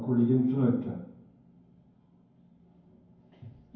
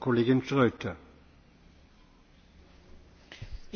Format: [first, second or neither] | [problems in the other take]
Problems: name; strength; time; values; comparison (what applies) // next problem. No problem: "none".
second | room echo; dies away in 0.9 s